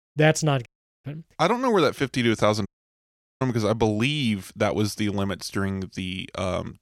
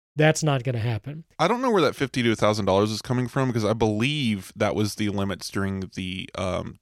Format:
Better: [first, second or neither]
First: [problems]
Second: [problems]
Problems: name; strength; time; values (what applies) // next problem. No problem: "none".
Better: second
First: audio cutting out; at 0.5 s and at 2.5 s for 1 s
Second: none